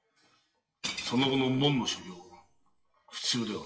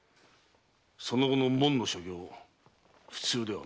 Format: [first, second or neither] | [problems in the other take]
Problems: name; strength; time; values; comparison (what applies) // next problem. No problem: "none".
second | noise reduction (classical method WPE with log-MMSE)